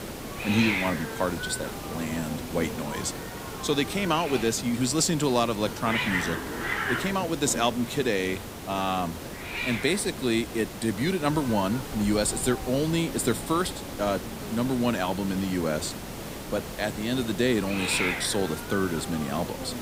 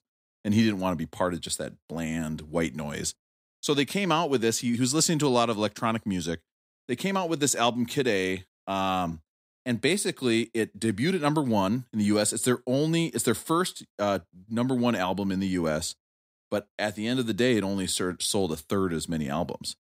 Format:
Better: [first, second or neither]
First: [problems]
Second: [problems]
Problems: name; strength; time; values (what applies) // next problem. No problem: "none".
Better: second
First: hiss; loud; throughout; 6 dB below the speech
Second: none